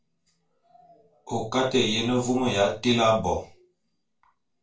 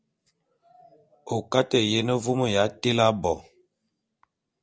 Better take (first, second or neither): second